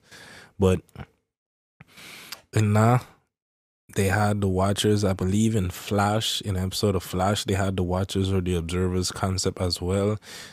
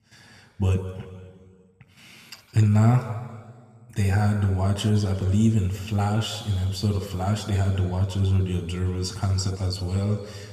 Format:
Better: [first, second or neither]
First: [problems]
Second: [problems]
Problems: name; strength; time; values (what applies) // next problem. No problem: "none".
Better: first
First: none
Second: room echo; slight; dies away in 1.7 s